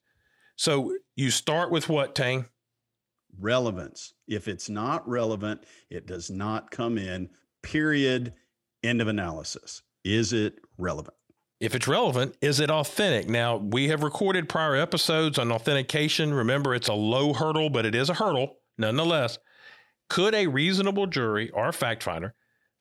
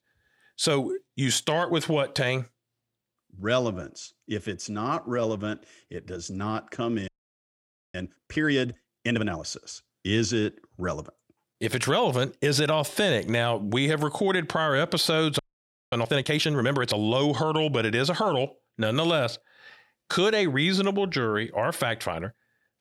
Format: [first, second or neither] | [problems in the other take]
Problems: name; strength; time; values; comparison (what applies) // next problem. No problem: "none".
first | audio freezing; at 7 s for 1 s and at 15 s for 0.5 s